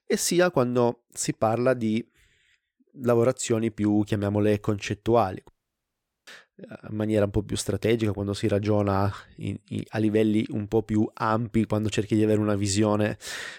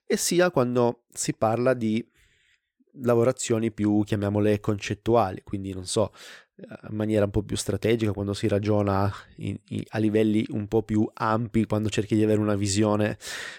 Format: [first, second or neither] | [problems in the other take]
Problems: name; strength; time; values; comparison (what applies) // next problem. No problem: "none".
second | audio cutting out; at 5.5 s for 1 s